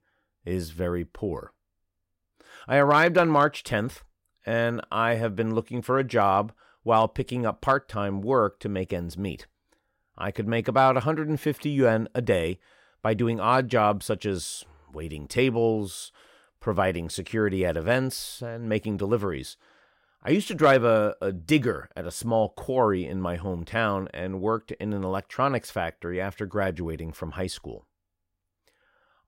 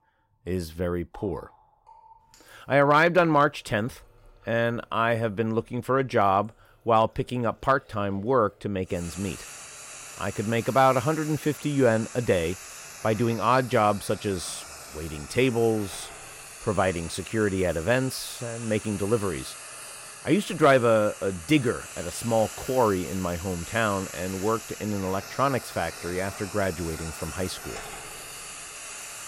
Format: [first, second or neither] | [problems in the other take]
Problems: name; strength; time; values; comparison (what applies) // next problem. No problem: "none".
first | household noises; noticeable; throughout; 15 dB below the speech